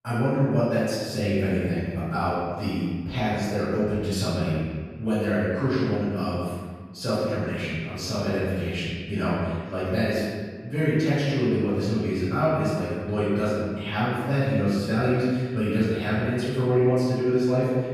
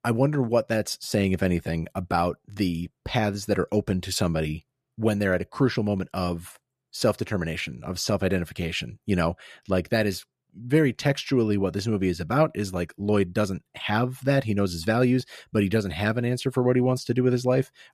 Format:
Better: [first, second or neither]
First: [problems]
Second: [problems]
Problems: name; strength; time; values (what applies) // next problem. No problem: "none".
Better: second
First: off-mic speech; far // room echo; strong; dies away in 1.5 s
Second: none